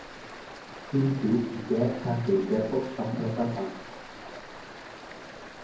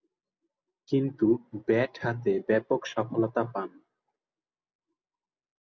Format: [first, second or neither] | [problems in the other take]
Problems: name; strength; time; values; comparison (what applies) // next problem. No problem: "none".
second | background sound (Stream); 13 dB below the speech // room echo; dies away in 0.9 s